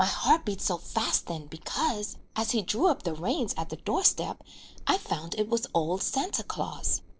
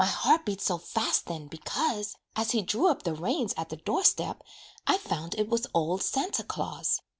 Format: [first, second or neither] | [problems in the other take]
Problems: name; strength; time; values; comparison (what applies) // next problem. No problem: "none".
second | noise reduction (neural separator model SepFormer DNS4)